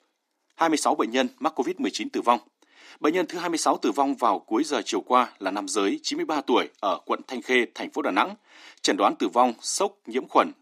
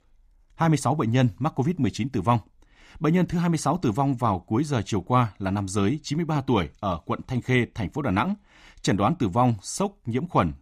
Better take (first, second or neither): second